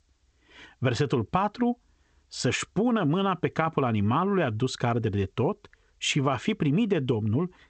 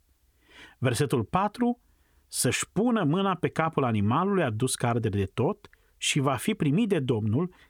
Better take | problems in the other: second | garbled, watery; slightly; nothing above 8 kHz

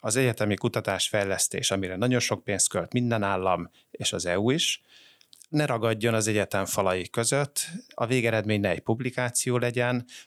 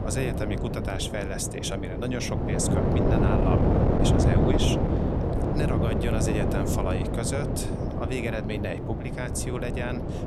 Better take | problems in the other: first | wind noise on the microphone; heavy; 2 dB above the speech

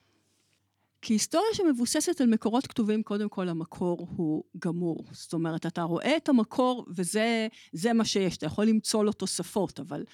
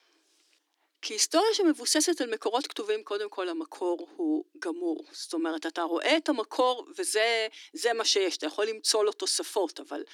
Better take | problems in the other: first | thin; very; fading below 300 Hz

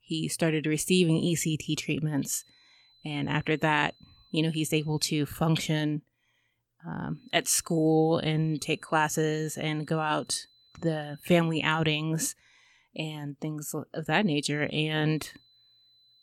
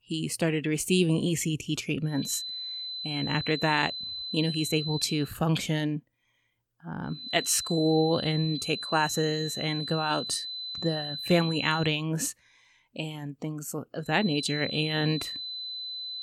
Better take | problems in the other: first | high-pitched whine; loud; from 2 to 5 s, from 7 to 12 s and from 14 s on; 4 kHz, 6 dB below the speech; faint in the first

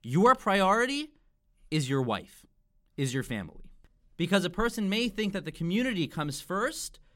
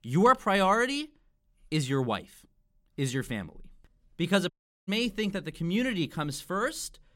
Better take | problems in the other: first | audio cutting out; at 4.5 s

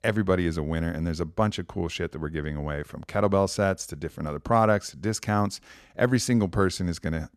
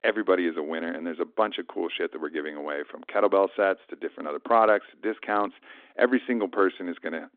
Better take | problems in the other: first | phone-call audio; nothing above 3.5 kHz

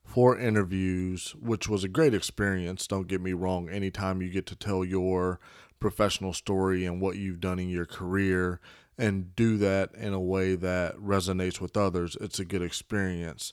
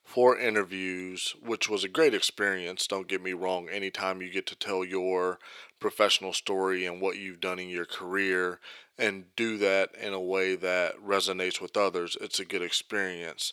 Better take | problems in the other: first | thin; somewhat; fading below 450 Hz

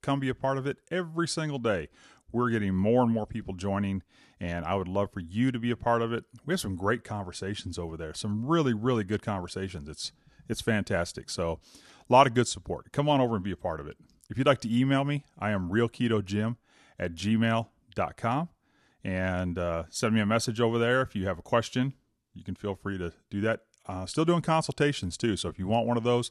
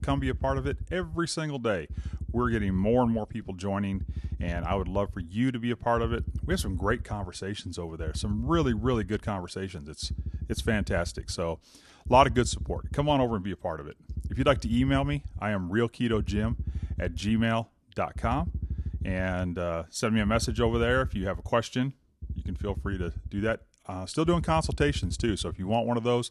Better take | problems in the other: first | low rumble; faint; throughout; 20 dB below the speech

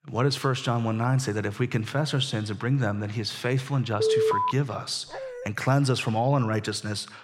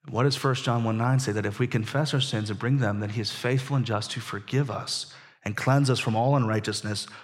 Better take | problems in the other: second | alarm; loud; at 4 s; peak 4 dB above the speech // dog barking; faint; at 5 s; peak 10 dB below the speech

